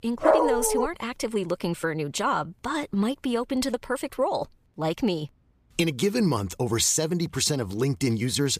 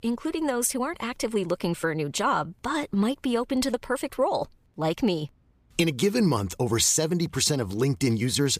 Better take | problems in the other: second | dog barking; loud; at the start; peak 5 dB above the speech

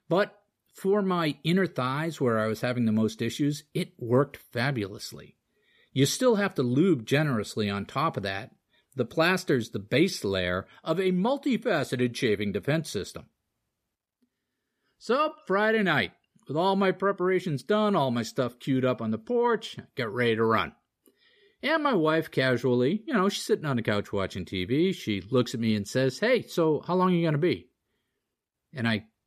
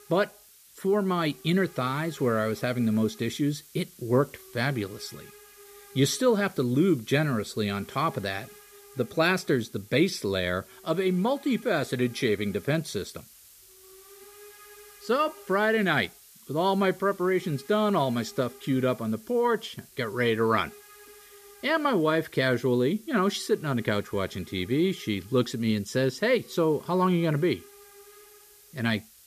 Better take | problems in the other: first | hiss; faint; throughout; 20 dB below the speech

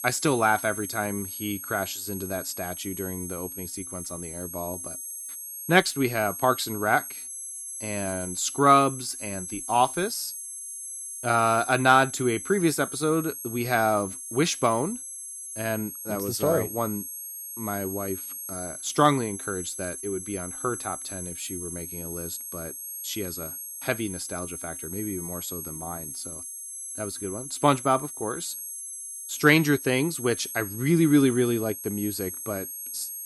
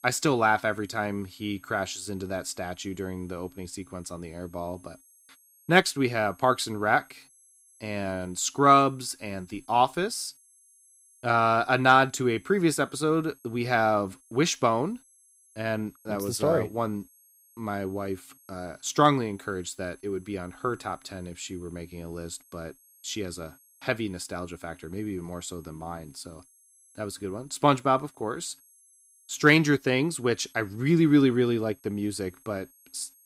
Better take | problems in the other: second | high-pitched whine; loud; throughout; 11.5 kHz, 8 dB below the speech; faint in the second

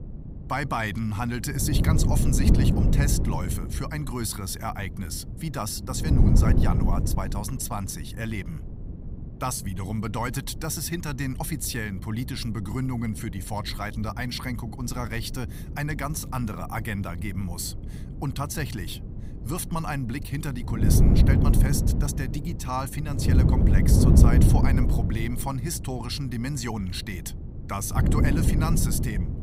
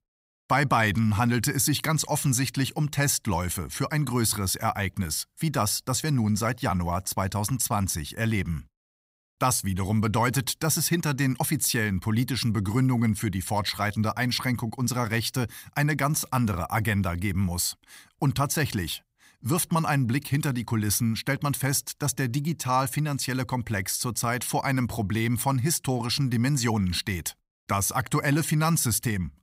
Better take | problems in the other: second | wind noise on the microphone; heavy; 1 dB below the speech

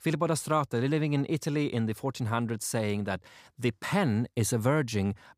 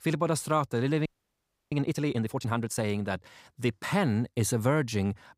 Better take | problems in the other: first | audio freezing; at 1 s for 0.5 s

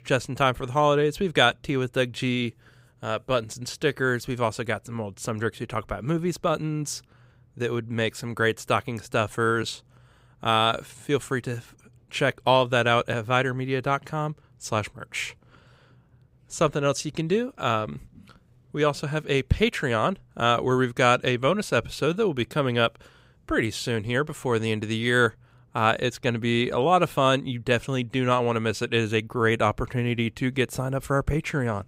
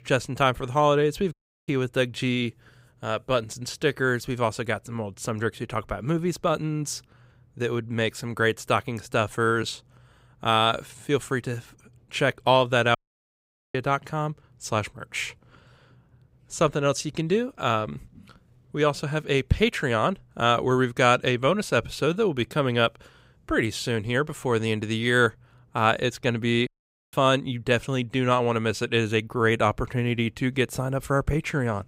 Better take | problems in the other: first | audio cutting out; at 1.5 s, at 13 s for 1 s and at 27 s

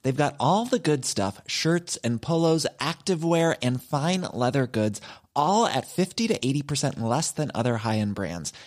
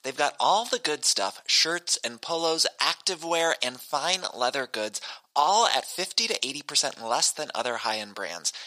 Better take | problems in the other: first | thin; very; fading below 700 Hz

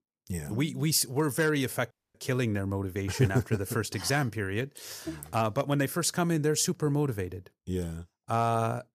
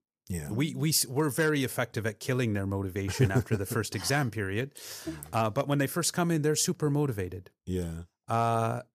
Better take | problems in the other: second | audio cutting out; at 2 s

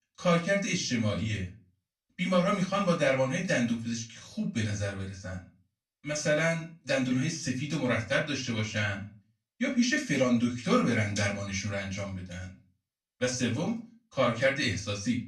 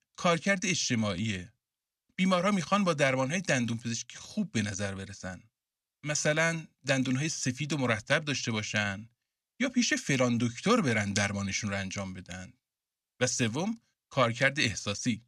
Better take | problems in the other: second | off-mic speech; far // room echo; very slight; dies away in 0.3 s

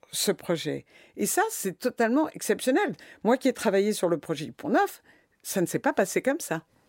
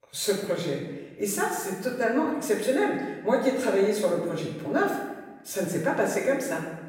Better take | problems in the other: first | off-mic speech; far // room echo; noticeable; dies away in 1 s

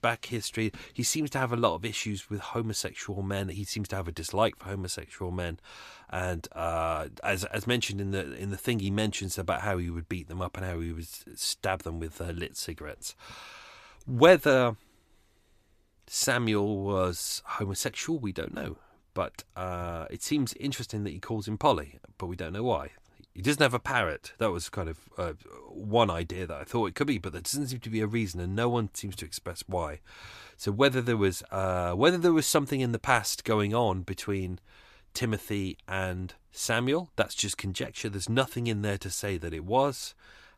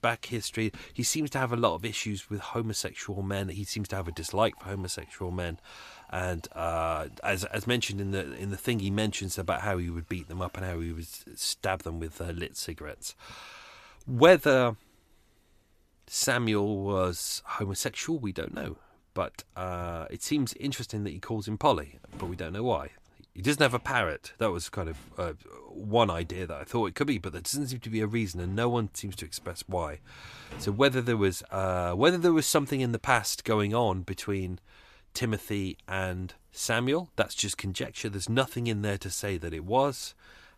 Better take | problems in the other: first | household noises; faint; throughout; 25 dB below the speech

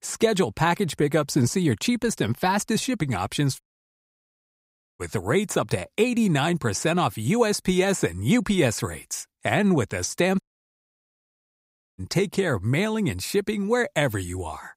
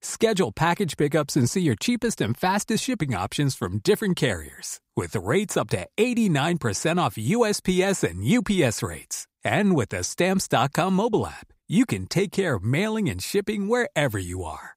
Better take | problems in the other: second | audio cutting out; at 3.5 s for 1.5 s and at 10 s for 1.5 s

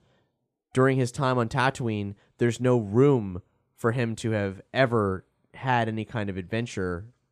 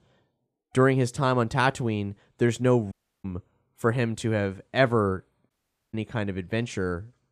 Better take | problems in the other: first | audio cutting out; at 3 s and at 5.5 s

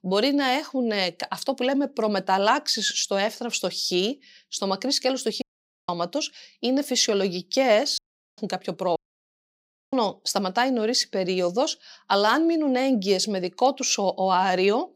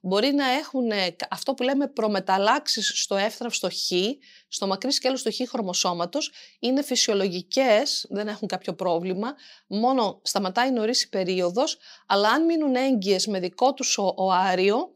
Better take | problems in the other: second | audio cutting out; at 5.5 s, at 8 s and at 9 s for 1 s

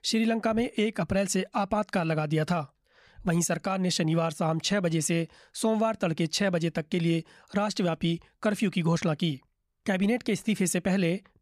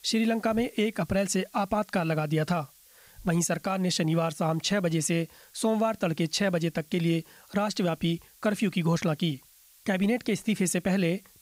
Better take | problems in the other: first | hiss; faint; throughout; 25 dB below the speech

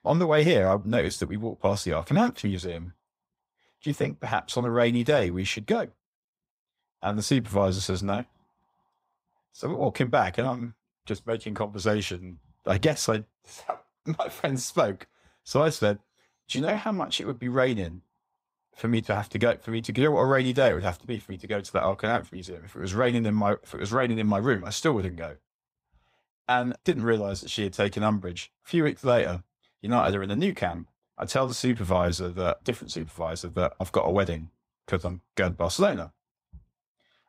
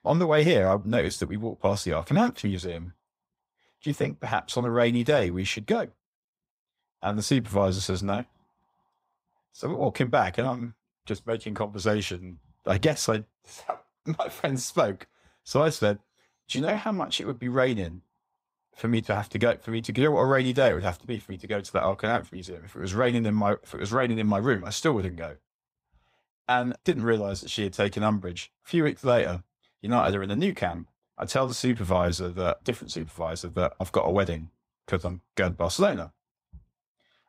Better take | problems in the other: neither | none

